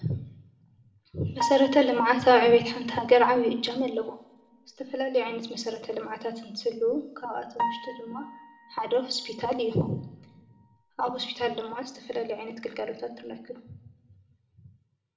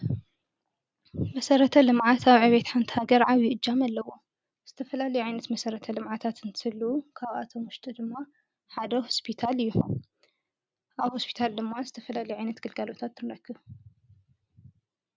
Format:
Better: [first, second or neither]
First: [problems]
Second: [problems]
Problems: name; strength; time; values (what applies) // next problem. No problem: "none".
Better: second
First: background sound (Piano); 11 dB below the speech // room echo; dies away in 0.7 s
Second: none